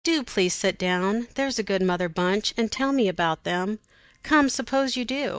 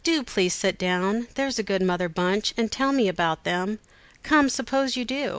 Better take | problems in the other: second | noise reduction (neural mask model DeepFilterNet 3)

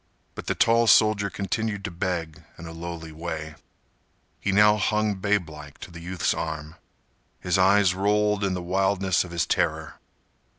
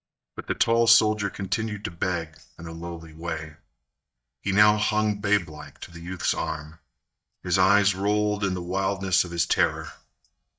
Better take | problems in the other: first | noise reduction (neural mask model DeepFilterNet 3)

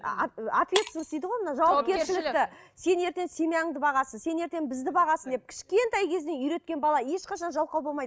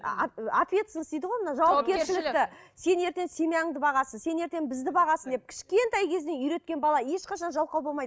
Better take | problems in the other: second | background sound (Shatter); 14 dB below the speech

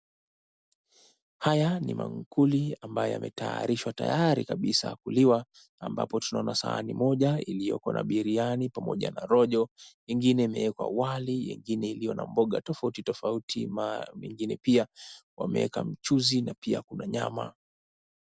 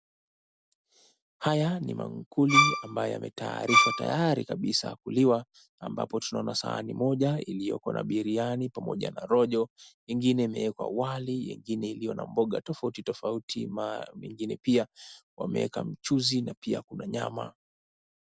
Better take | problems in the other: first | background sound (Bowed string instrument); 5 dB above the speech

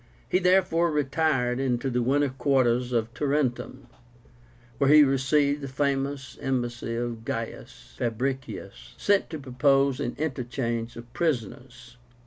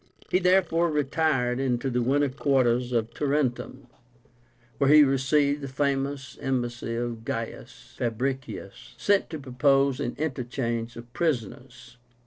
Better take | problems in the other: first | noise reduction (neural separator model SepFormer DNS4)

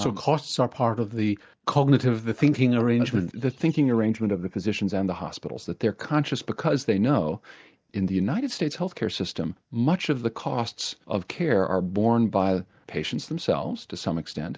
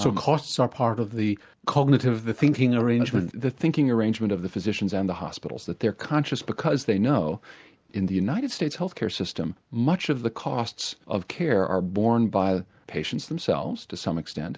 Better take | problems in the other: second | noise reduction (neural mask model DeepFilterNet 3)

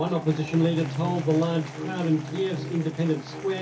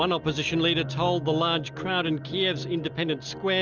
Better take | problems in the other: second | background sound (Applause / Crowd); 18 dB below the speech // room echo; dies away in 0.3 s

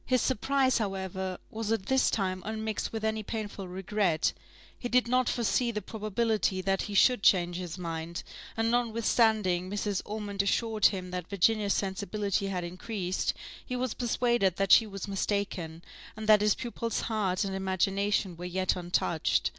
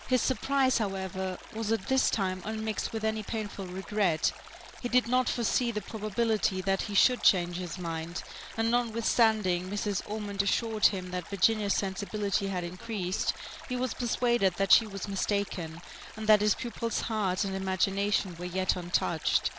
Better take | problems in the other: first | background sound (Stream); 17 dB below the speech

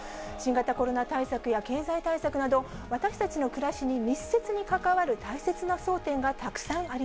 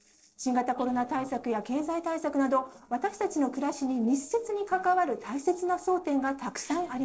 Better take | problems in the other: first | noise reduction (neural separator model SepFormer DNS4)

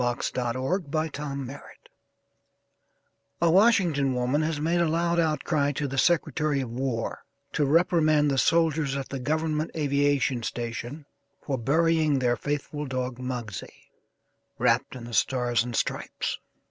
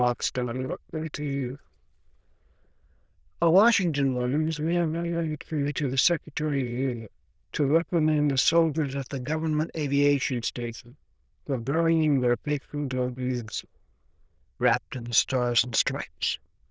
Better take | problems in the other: first | noise reduction (neural diffusion model UNIVERSE++)

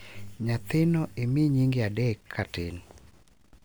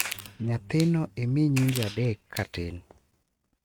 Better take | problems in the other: first | noise reduction (neural mask model RNNoise)

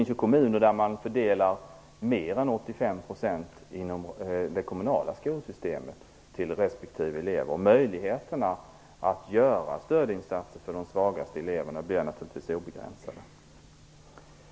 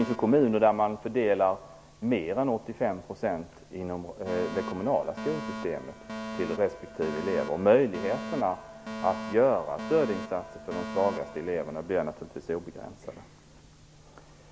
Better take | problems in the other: first | background sound (Alarm); 12 dB below the speech

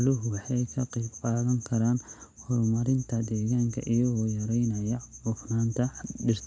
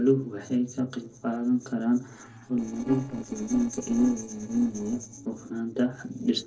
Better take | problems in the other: first | noise reduction (neural separator model SepFormer DNS4)

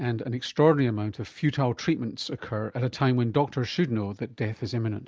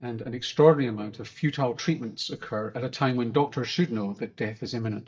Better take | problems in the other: first | noise reduction (neural mask model DeepFilterNet 3)

